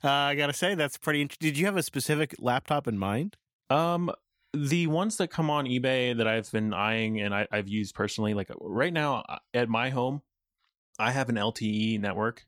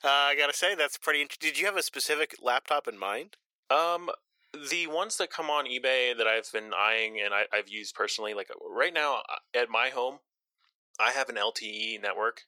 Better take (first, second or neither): first